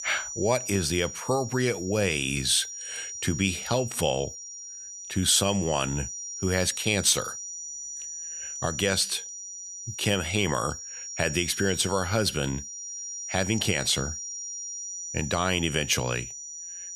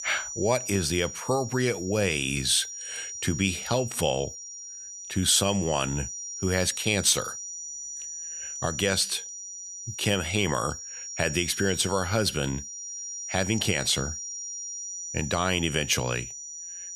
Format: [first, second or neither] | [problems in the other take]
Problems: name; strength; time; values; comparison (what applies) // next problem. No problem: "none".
neither | high-pitched whine; loud; throughout; 5.5 kHz, 8 dB below the speech; the same in both